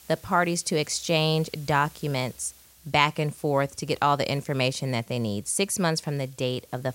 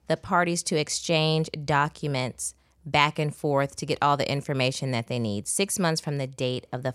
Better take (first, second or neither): second